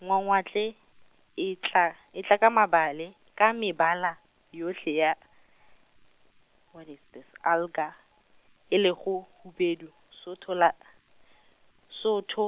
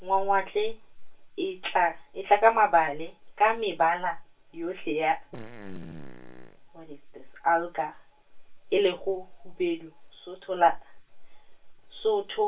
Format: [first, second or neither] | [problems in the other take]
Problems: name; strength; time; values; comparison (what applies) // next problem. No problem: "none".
first | background sound (Fart); 16 dB below the speech // room echo; dies away in 0.2 s